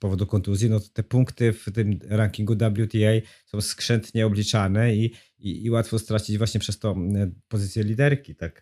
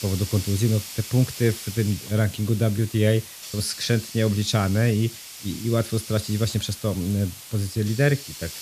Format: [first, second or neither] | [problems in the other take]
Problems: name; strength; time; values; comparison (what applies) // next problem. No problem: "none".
first | hiss; noticeable; throughout; 10 dB below the speech